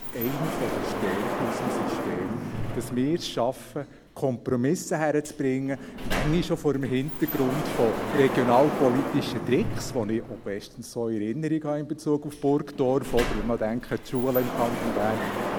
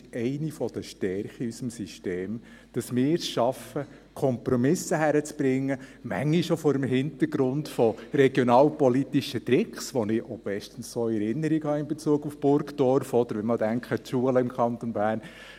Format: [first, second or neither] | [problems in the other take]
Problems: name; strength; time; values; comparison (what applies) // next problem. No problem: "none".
second | background sound (Sliding door); 5 dB below the speech